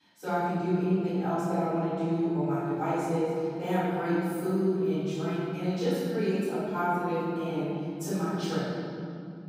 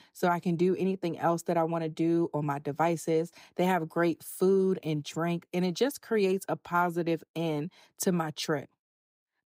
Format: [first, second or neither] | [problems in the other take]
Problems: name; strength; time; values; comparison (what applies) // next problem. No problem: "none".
second | off-mic speech; far // room echo; strong; dies away in 3 s